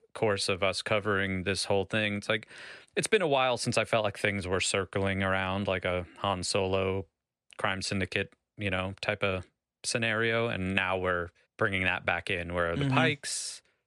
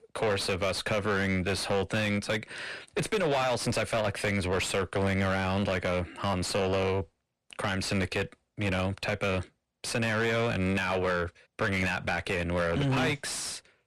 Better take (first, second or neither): first